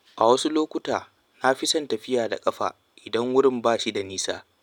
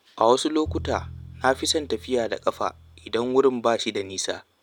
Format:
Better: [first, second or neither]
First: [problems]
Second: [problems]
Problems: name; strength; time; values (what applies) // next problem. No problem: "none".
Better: first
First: none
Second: background sound (Bowed string instrument); 14 dB below the speech